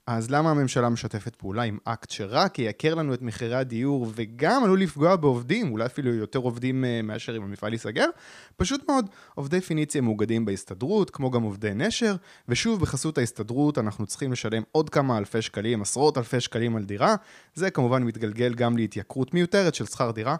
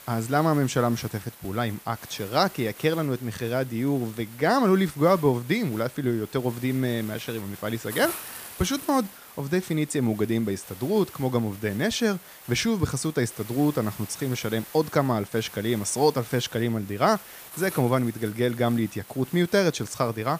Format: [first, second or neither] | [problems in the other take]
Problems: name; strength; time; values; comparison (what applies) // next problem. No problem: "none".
first | hiss; noticeable; throughout; 15 dB below the speech